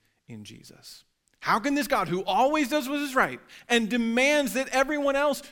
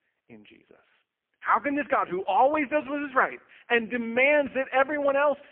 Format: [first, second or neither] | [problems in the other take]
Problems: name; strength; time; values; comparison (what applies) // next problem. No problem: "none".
first | phone-call audio; poor line